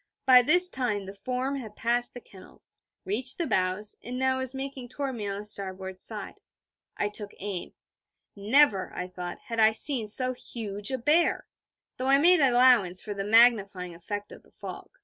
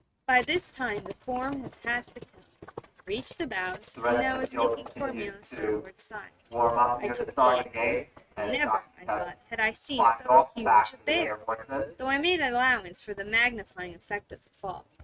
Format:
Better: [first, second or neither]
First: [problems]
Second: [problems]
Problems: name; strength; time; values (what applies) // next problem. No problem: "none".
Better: first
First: none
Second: noise reduction (neural mask model RNNoise)